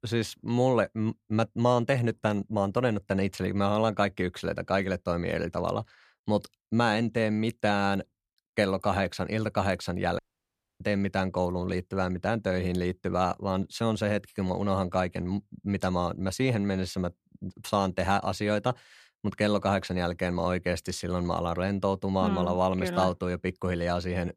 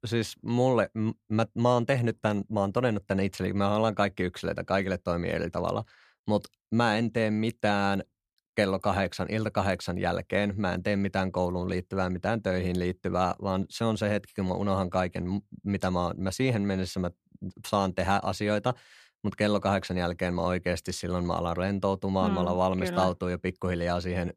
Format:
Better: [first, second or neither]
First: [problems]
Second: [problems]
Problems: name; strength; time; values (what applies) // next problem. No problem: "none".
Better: second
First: audio cutting out; at 10 s for 0.5 s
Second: none